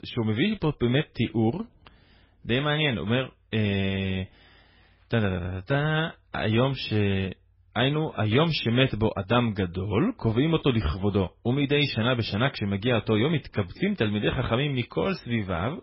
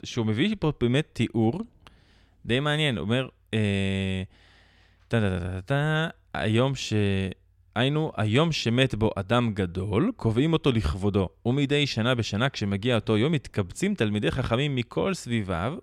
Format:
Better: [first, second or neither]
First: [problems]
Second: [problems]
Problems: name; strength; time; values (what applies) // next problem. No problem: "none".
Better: second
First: garbled, watery; badly; nothing above 5.5 kHz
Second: none